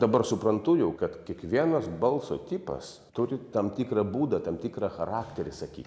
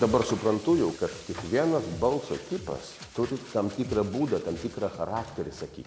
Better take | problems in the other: first | background sound (Drum kit + Frying (food)); 15 dB below the speech

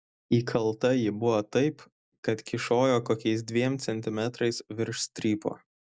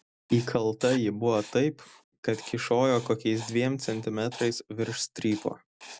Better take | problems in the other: first | background sound (Writing); 19 dB below the speech

